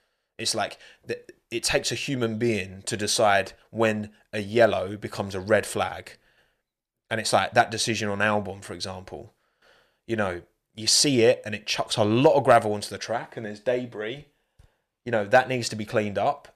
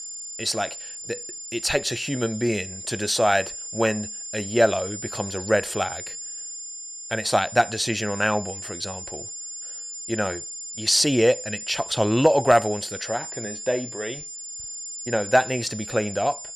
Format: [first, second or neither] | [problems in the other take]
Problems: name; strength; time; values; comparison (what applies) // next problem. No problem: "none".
first | high-pitched whine; loud; throughout; 7 kHz, 9 dB below the speech